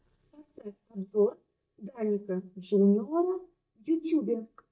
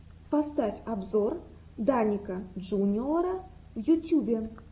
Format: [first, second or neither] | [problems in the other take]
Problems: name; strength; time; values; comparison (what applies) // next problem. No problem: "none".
second | noise reduction (neural mask model DeepFilterNet 3)